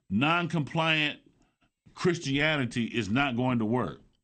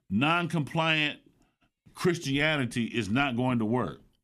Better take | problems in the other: second | garbled, watery; slightly; nothing above 8.5 kHz

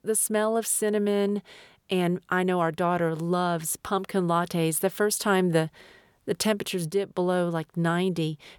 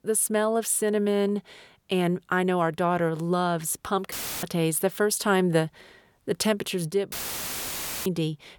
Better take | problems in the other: first | audio cutting out; filled with static; at 4 s and at 7 s for 1 s

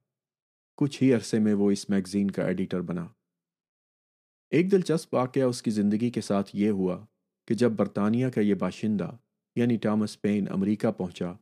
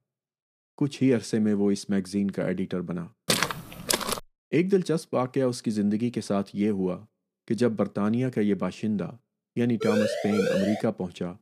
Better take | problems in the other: first | footsteps; loud; at 3.5 s; peak 2 dB above the speech // siren; noticeable; from 10 to 11 s; peak level with the speech

